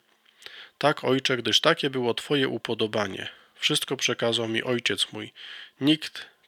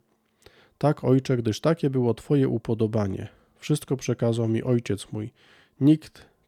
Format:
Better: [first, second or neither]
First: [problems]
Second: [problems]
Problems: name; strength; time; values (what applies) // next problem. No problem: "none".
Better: second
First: thin; somewhat; fading below 800 Hz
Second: none